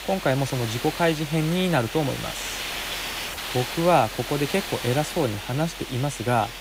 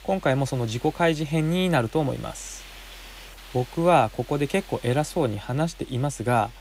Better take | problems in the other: second | hiss; loud; throughout; 7 dB below the speech; faint in the second

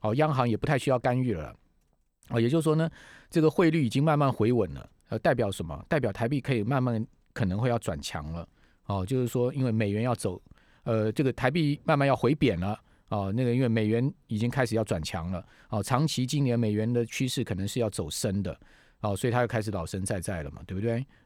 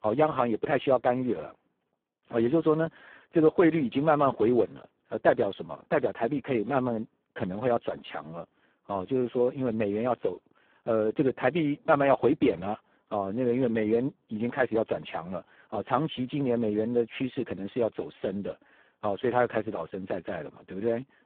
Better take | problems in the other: first | phone-call audio; poor line

